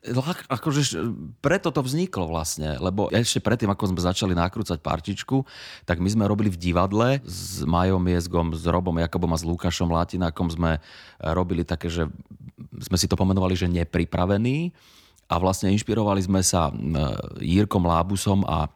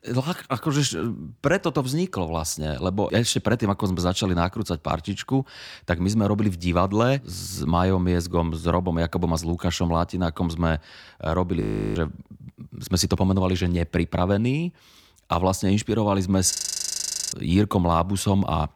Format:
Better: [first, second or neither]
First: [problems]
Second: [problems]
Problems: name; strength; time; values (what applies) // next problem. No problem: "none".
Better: first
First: none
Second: audio freezing; at 12 s and at 17 s for 1 s